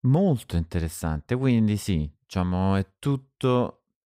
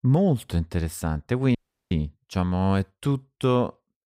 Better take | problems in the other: first | audio cutting out; at 1.5 s

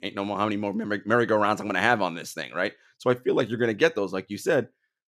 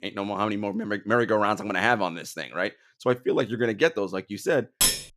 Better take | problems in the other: first | clattering dishes; loud; at 5 s; peak 4 dB above the speech

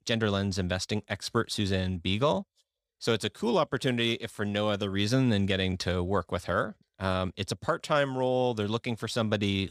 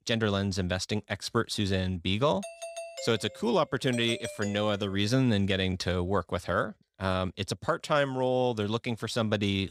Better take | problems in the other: first | doorbell; faint; from 2.5 to 5 s; peak 10 dB below the speech

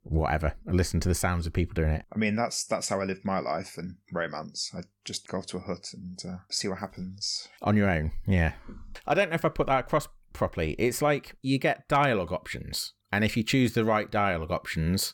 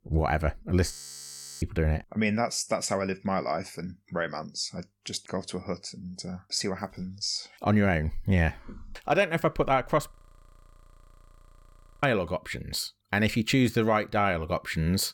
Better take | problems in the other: first | audio freezing; at 1 s for 0.5 s and at 10 s for 2 s

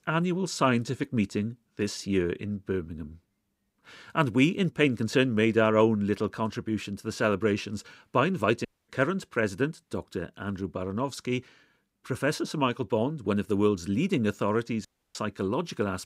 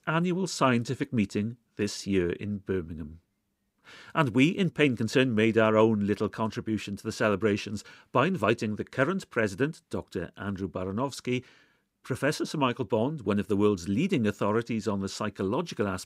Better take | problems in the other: second | audio cutting out; at 8.5 s and at 15 s

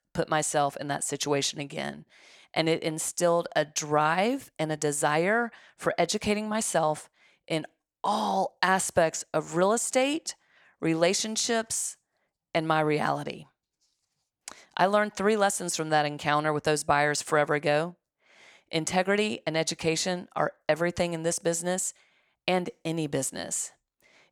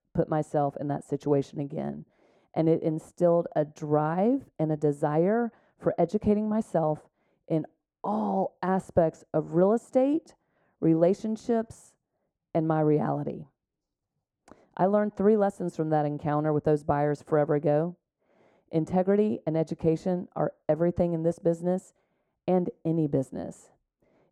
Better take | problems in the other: first | muffled; very; fading above 1 kHz

